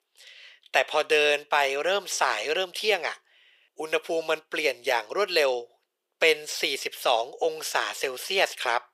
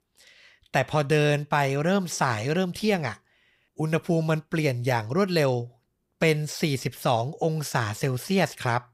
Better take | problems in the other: second | thin; very; fading below 450 Hz

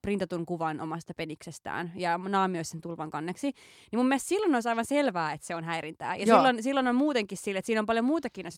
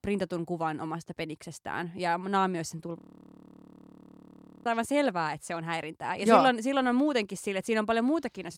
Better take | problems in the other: first | audio freezing; at 3 s for 1.5 s

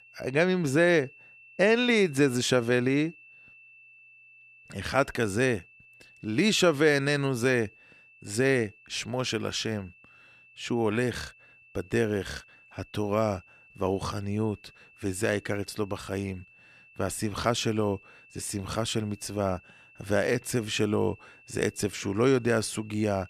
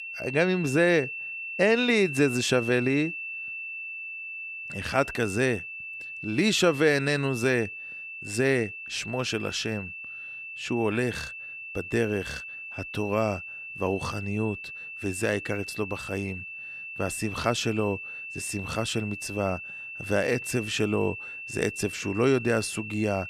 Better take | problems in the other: first | high-pitched whine; loud; throughout; 2.5 kHz, 8 dB below the speech; faint in the first

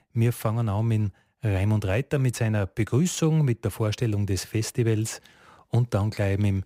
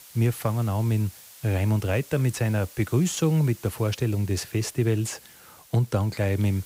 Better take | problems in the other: first | hiss; faint; throughout; 20 dB below the speech

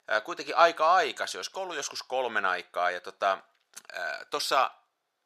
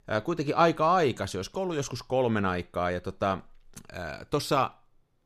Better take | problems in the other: second | thin; very; fading below 650 Hz

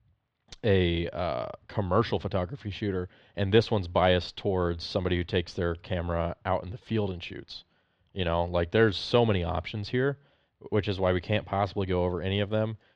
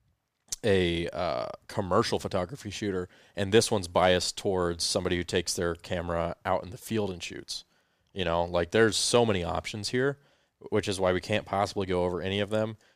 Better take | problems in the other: second | muffled; slightly; fading above 3.5 kHz

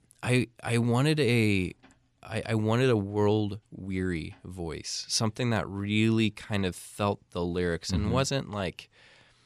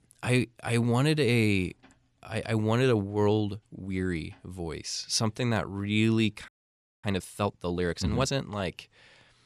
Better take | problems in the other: first | audio freezing; at 6.5 s for 0.5 s

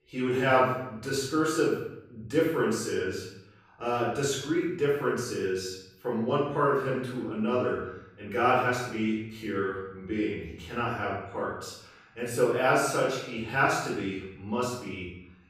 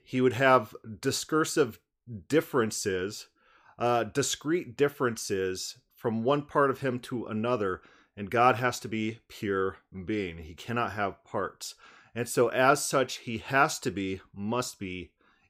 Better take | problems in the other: second | off-mic speech; far // room echo; noticeable; dies away in 0.7 s

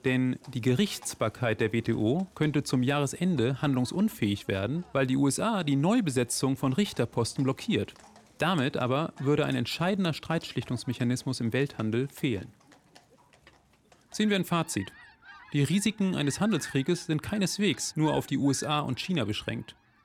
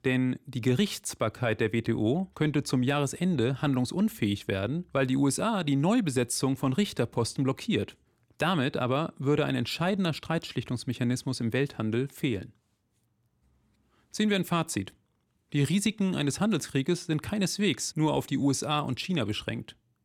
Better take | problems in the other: second | animal sounds; faint; throughout; 25 dB below the speech

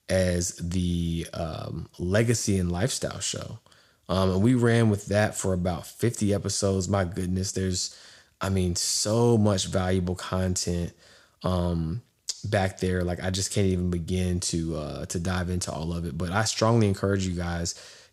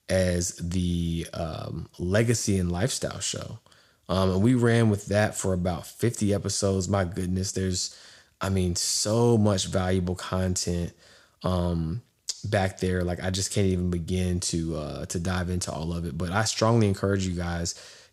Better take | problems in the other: neither | none

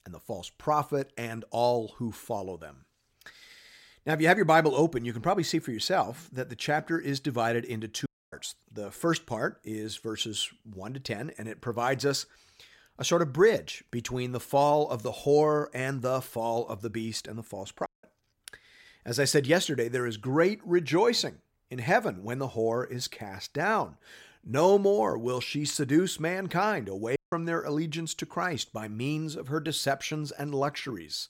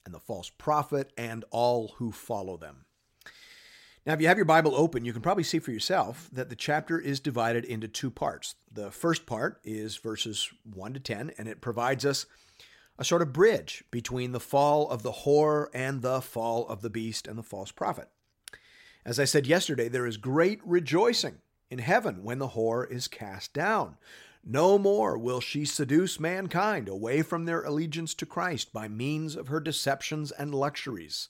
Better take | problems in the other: second | audio cutting out; at 8 s, at 18 s and at 27 s

